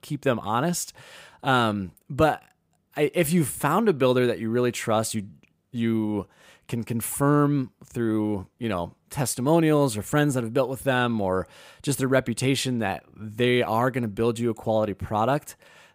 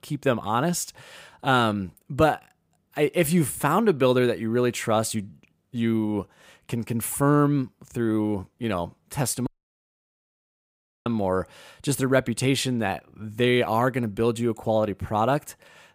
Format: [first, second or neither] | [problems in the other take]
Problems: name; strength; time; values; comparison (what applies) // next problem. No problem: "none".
first | audio cutting out; at 9.5 s for 1.5 s